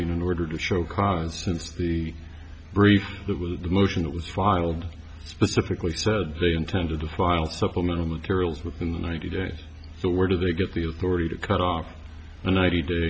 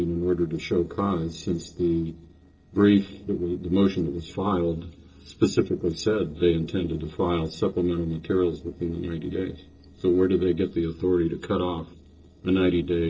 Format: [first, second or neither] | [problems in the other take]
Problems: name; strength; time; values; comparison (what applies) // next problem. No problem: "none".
first | noise reduction (neural separator model SepFormer DNS4)